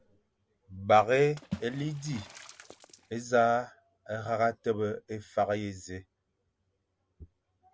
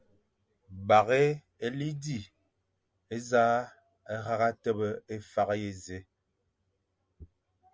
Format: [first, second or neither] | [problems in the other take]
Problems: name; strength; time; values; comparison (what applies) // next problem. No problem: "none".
second | background sound (Water / Splash, splatter); 14 dB below the speech